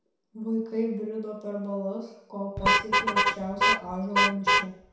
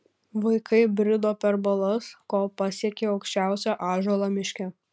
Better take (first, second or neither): second